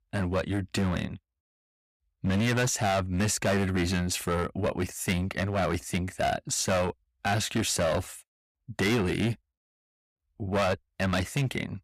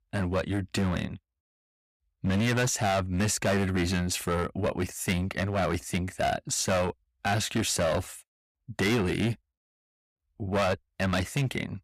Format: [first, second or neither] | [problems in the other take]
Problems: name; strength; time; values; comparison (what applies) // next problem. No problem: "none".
neither | distortion; heavy; 11% of the sound clipped; the same in both